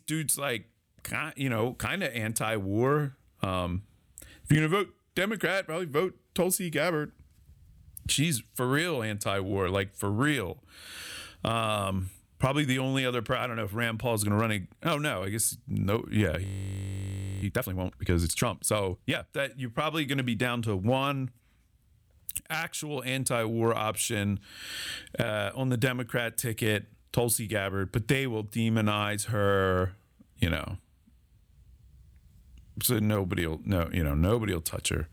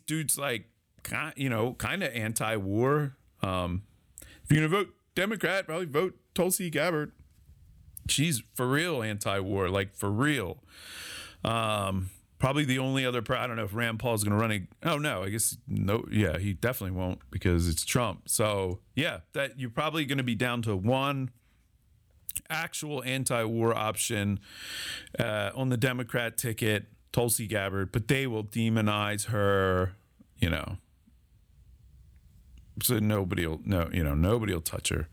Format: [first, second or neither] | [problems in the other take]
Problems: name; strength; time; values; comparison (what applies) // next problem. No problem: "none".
second | audio freezing; at 16 s for 1 s